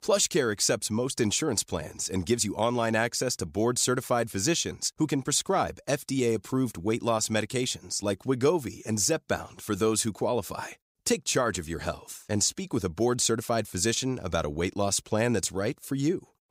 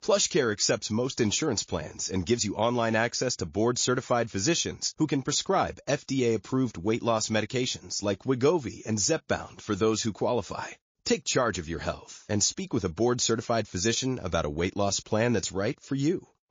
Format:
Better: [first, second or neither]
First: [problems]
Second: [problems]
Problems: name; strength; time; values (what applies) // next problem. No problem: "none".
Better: first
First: none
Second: garbled, watery; slightly